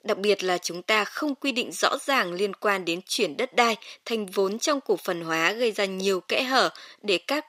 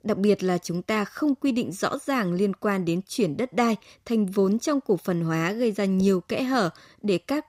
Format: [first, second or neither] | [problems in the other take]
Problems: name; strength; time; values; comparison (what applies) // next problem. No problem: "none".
second | thin; somewhat; fading below 450 Hz